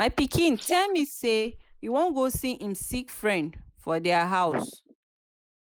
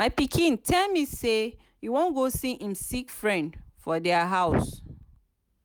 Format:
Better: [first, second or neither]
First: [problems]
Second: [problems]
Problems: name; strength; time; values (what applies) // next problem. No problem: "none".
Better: second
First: noise reduction (neural mask model Resemble Enhance denoiser)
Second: none